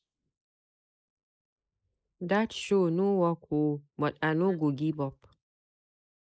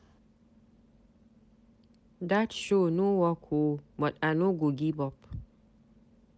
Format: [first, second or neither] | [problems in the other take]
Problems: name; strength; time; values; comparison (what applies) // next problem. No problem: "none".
second | noise reduction (neural mask model Resemble Enhance denoiser)